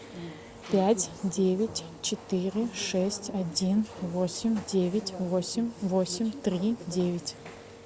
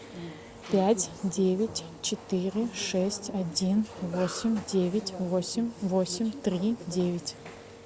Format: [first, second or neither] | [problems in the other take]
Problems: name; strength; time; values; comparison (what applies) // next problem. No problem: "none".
first | background sound (Cough); 17 dB below the speech